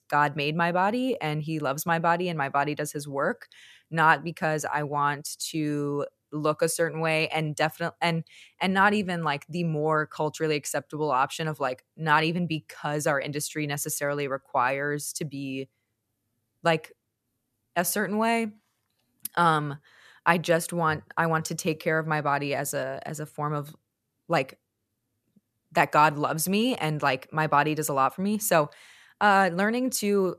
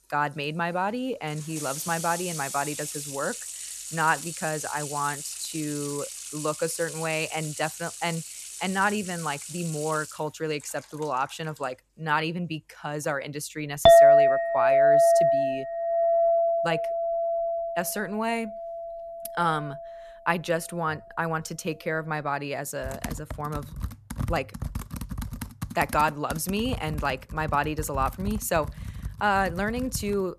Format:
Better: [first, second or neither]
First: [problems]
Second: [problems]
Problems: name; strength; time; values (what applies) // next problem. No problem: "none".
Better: first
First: none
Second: household noises; very loud; throughout; 3 dB above the speech